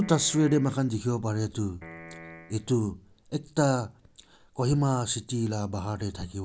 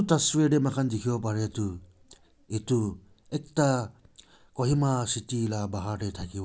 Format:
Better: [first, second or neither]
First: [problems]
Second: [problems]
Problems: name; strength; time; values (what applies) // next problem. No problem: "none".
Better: second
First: background sound (Piano); 18 dB below the speech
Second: none